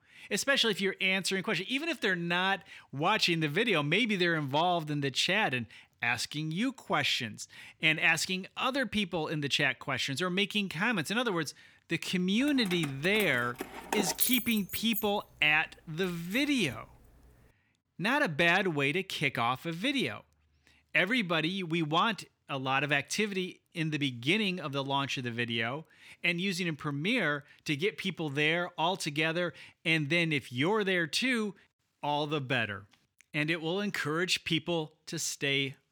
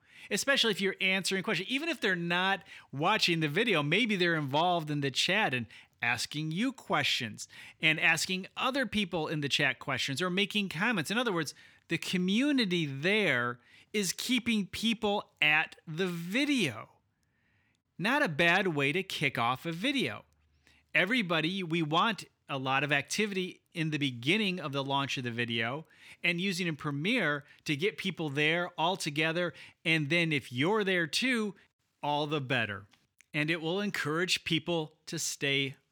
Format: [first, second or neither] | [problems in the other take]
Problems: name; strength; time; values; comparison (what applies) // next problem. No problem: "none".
second | jangling keys; loud; from 12 to 15 s; peak 1 dB above the speech